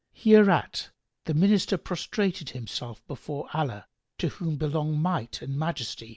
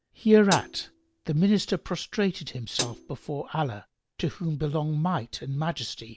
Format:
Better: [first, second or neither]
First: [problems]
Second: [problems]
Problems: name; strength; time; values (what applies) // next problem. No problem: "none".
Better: first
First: none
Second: background sound (Hi-hat); 10 dB below the speech